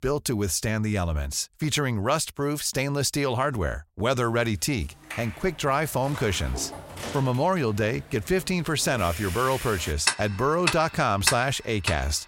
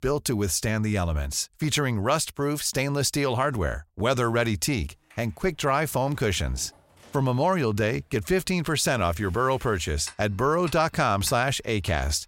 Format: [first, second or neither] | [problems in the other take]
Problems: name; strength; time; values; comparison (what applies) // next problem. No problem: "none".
second | household noises; loud; from 5 s on; 5 dB below the speech; faint in the second